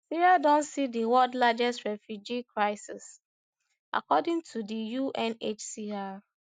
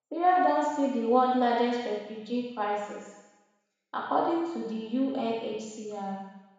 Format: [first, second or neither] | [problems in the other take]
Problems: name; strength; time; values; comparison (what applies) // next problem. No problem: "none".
first | room echo; dies away in 1.1 s